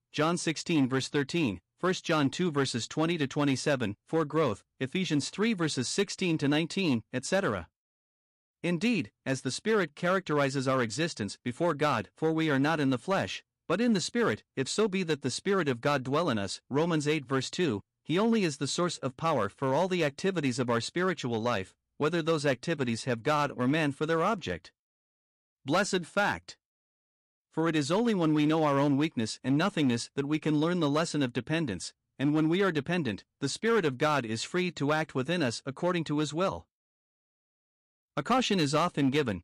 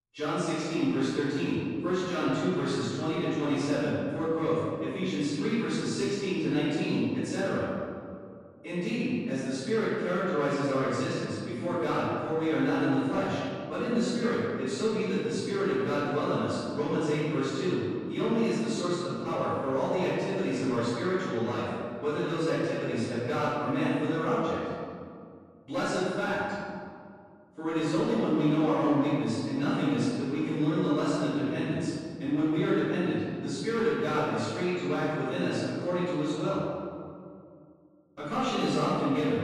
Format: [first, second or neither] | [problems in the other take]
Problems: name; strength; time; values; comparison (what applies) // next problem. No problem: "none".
first | off-mic speech; far // room echo; strong; dies away in 2 s